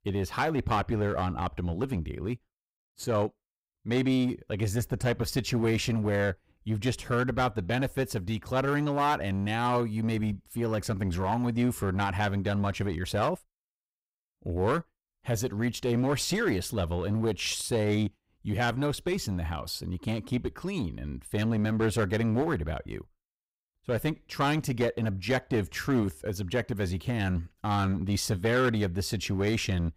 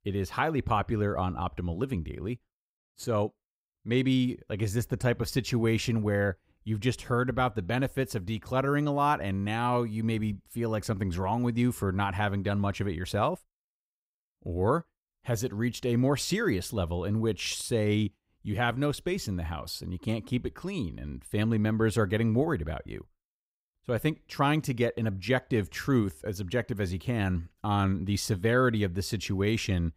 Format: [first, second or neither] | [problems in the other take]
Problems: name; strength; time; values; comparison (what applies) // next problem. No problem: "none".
second | distortion; slight; 7% of the sound clipped